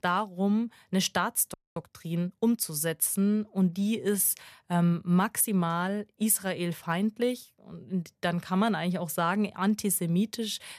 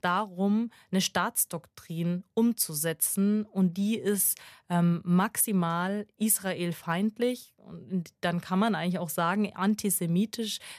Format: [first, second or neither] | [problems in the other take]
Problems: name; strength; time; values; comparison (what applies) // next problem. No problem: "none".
second | audio freezing; at 1.5 s